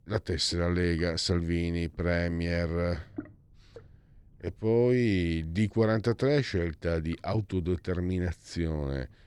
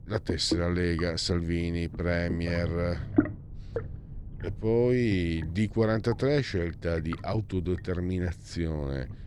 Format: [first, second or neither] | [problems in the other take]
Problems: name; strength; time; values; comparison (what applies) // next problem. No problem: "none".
first | low rumble; loud; throughout; 8 dB below the speech; faint in the first